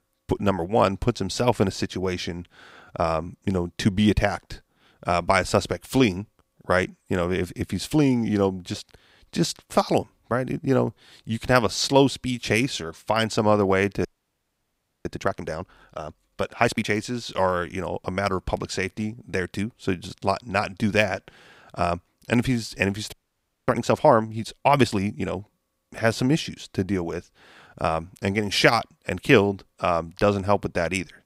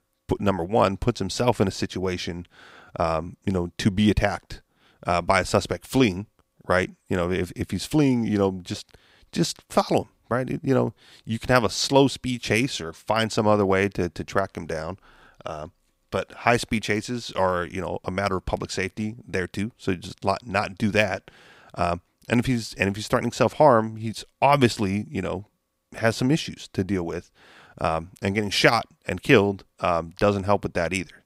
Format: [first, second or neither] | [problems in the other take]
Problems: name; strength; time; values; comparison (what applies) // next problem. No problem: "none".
second | audio freezing; at 14 s for 1 s and at 23 s for 0.5 s